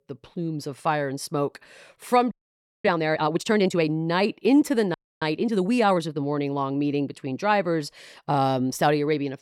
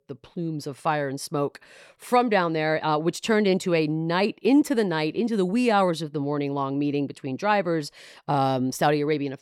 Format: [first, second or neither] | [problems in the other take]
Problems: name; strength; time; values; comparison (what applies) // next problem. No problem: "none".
second | audio freezing; at 2.5 s for 0.5 s and at 5 s